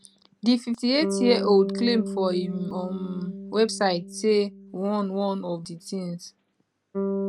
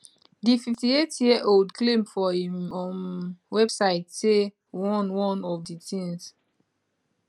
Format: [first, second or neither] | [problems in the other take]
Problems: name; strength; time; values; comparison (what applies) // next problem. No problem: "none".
second | background sound (Bass guitar); 7 dB below the speech